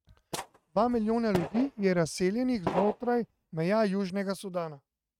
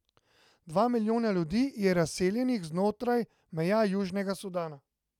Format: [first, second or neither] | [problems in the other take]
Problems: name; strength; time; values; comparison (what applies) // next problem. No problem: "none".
second | noise reduction (neural mask model RNNoise)